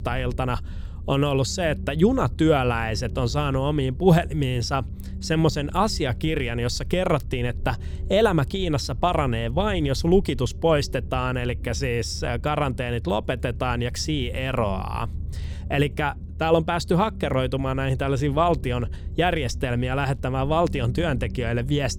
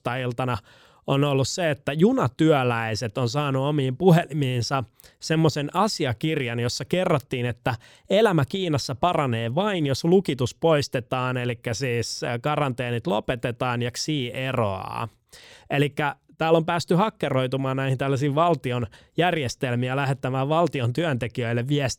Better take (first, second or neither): second